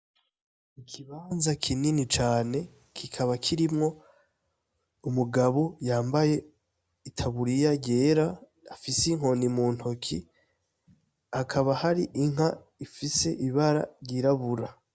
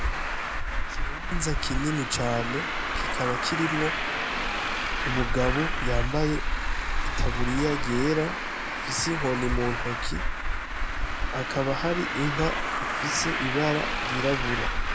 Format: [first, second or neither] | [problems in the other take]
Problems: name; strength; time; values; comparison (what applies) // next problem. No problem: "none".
first | background sound (Traffic noise, roadway noise); 3 dB above the speech